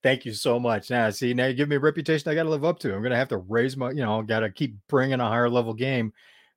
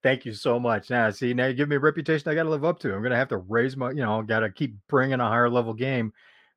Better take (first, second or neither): first